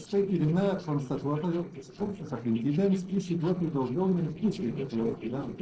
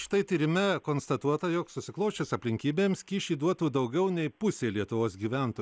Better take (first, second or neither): second